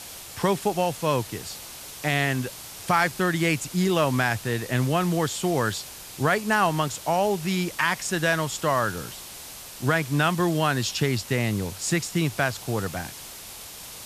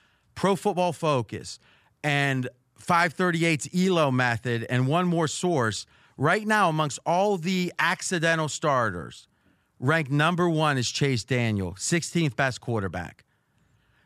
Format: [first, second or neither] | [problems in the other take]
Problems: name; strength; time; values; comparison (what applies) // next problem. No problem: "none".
second | hiss; noticeable; throughout; 15 dB below the speech